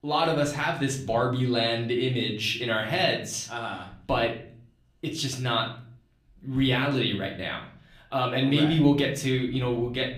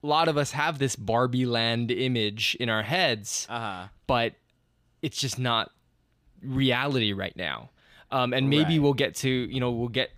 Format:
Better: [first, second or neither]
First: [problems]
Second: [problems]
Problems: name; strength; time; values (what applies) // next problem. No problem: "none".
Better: second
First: room echo; slight; dies away in 0.4 s // off-mic speech; somewhat distant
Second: none